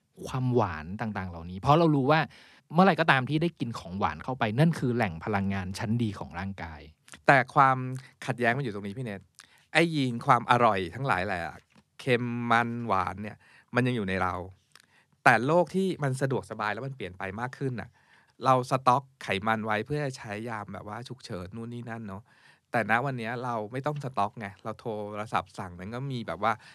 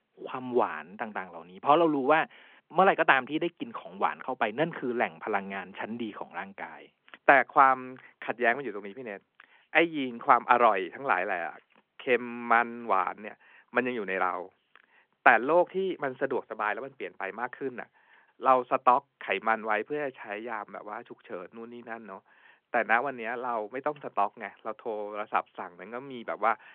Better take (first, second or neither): first